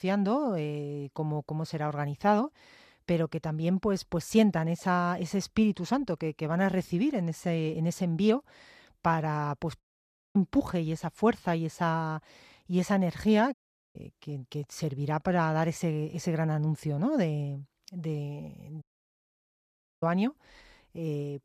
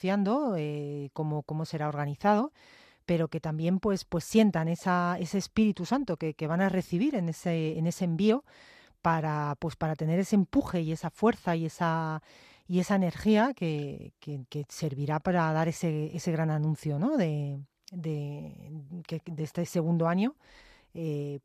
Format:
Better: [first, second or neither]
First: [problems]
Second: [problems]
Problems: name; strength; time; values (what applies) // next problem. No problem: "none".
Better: second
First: audio cutting out; at 10 s for 0.5 s, at 14 s and at 19 s for 1 s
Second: none